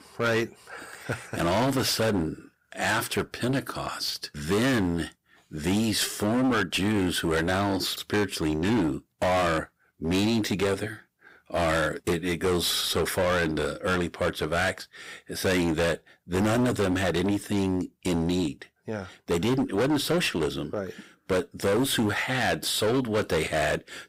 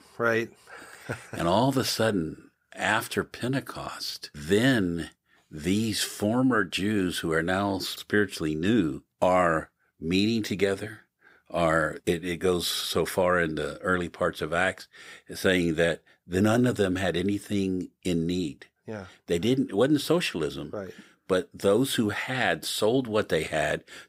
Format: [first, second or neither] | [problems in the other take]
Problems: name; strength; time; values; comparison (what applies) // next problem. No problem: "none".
second | distortion; heavy; 17% of the sound clipped